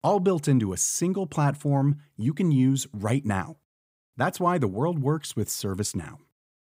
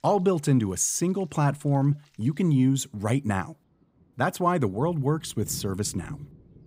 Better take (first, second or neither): first